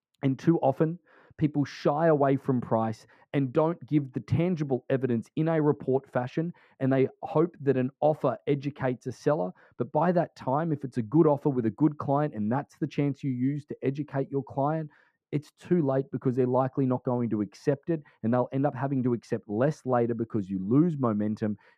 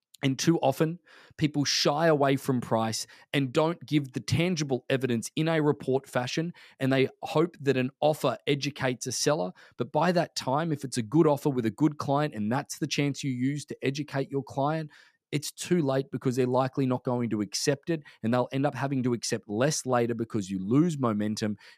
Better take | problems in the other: second | muffled; very; fading above 2.5 kHz

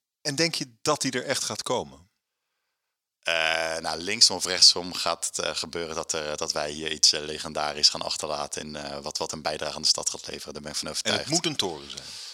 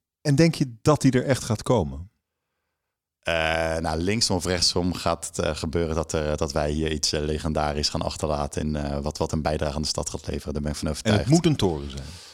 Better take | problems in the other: second | thin; somewhat; fading below 900 Hz

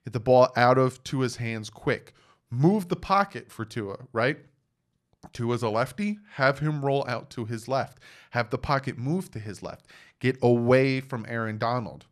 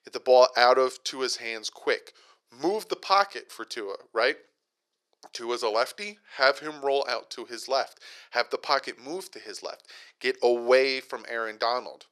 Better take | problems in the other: first | thin; very; fading below 400 Hz

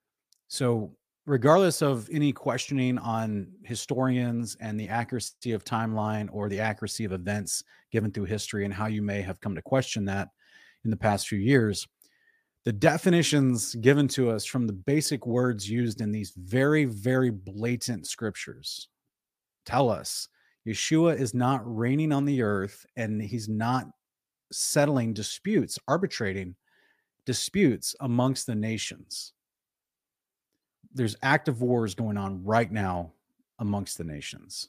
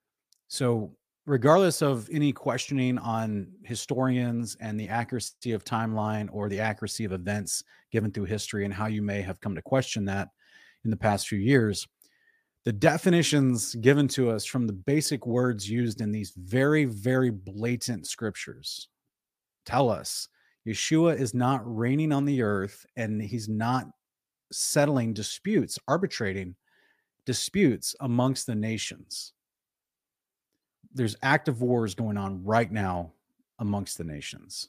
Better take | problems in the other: neither | none

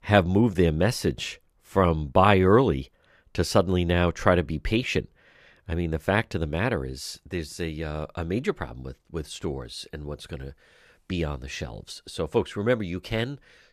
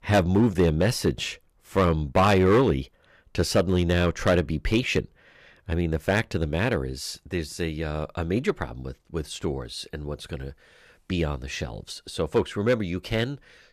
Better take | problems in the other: first | distortion; slight; 2% of the sound clipped

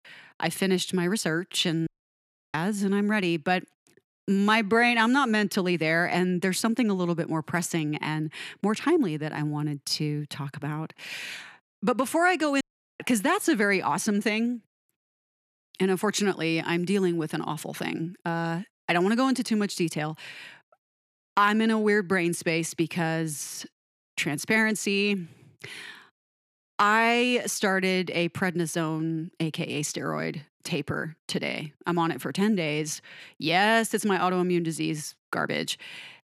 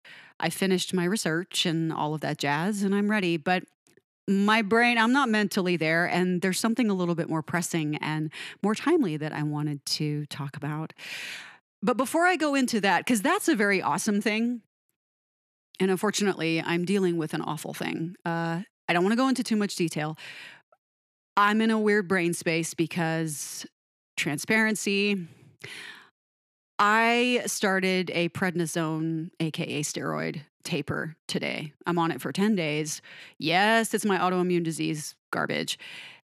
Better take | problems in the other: second | audio cutting out; at 2 s for 0.5 s and at 13 s

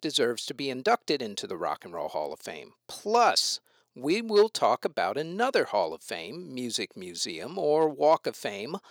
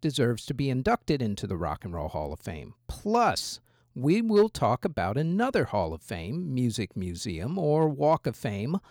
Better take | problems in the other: second | thin; somewhat; fading below 450 Hz

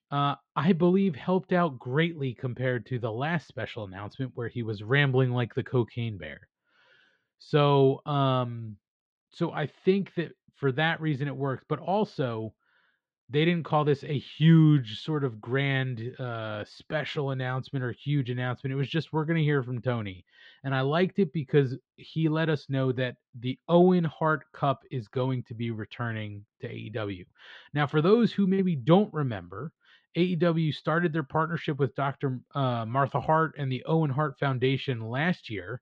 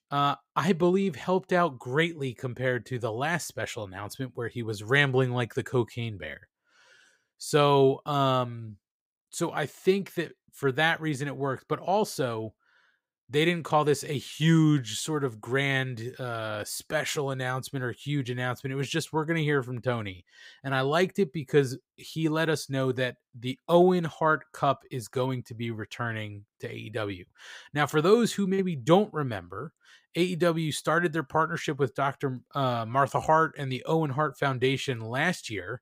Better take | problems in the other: second | muffled; slightly; fading above 3.5 kHz

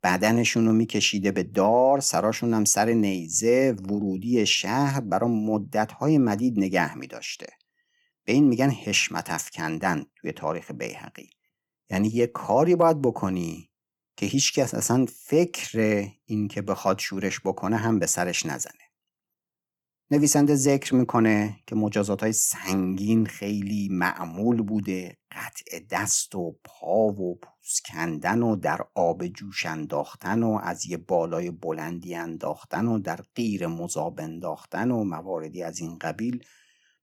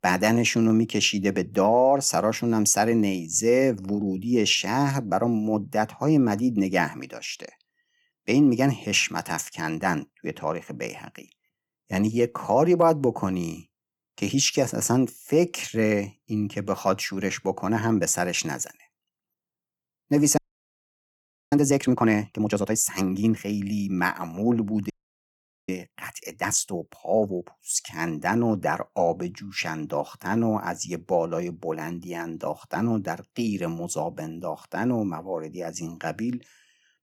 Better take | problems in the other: first | audio freezing; at 20 s for 1 s and at 25 s for 1 s

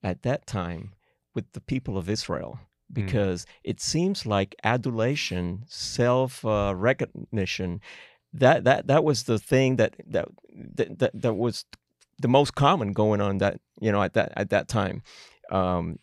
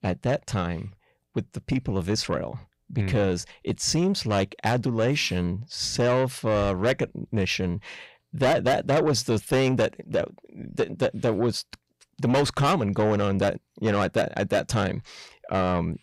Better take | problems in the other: first | distortion; heavy; 8 dB below the speech

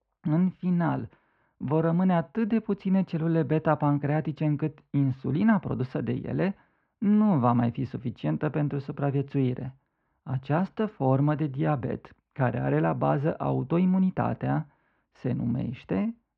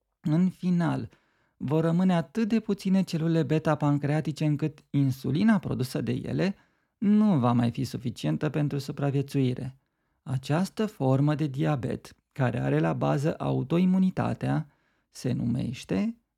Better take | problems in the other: second | muffled; very; fading above 2.5 kHz

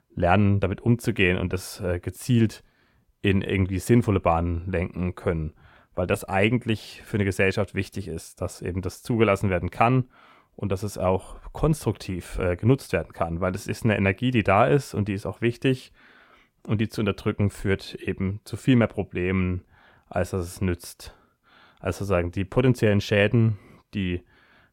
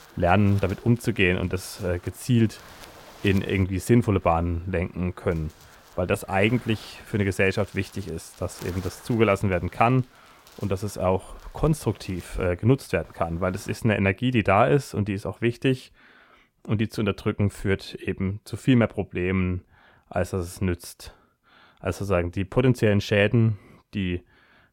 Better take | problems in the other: first | wind noise on the microphone; occasional gusts; until 14 s; 20 dB below the speech

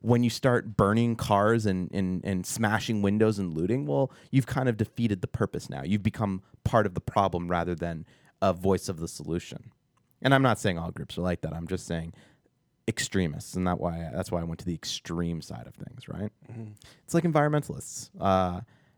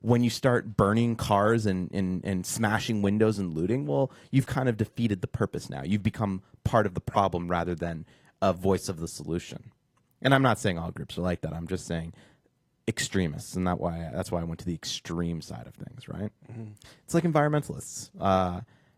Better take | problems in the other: first | garbled, watery; slightly; nothing above 14.5 kHz

